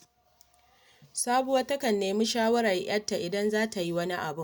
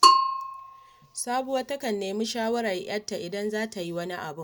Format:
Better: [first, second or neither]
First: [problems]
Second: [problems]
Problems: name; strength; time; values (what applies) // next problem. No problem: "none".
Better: first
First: none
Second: background sound (Bell / Percussion); 4 dB above the speech